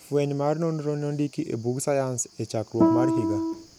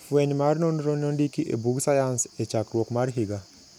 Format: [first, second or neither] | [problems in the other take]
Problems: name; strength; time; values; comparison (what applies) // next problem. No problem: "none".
second | background sound (Guitar); 4 dB above the speech